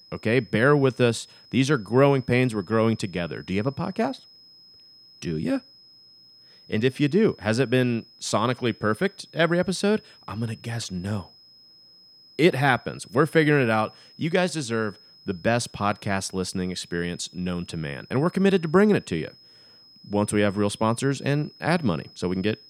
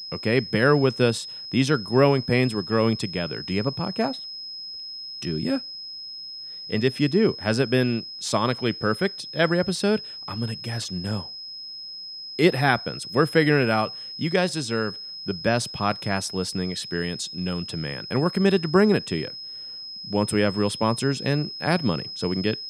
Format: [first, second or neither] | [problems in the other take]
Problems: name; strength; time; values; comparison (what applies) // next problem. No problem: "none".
first | high-pitched whine; loud; throughout; 5 kHz, 10 dB below the speech; faint in the first